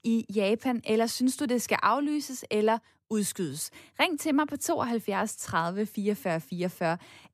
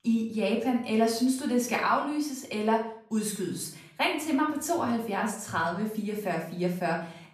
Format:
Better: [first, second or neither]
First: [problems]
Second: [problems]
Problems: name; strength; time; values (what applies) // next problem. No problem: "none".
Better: first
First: none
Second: room echo; slight; dies away in 0.5 s // off-mic speech; far